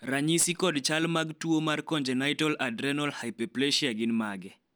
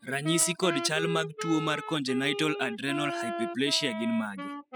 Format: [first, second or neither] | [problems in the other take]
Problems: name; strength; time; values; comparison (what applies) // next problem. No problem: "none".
first | noise reduction (classical method spectral subtraction)